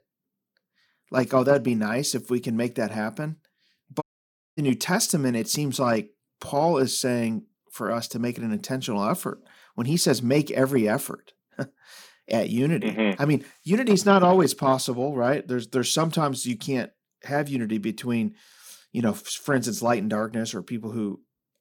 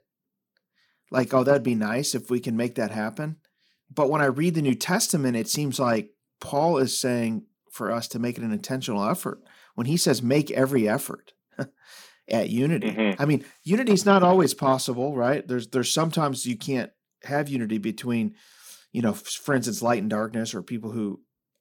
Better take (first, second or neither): second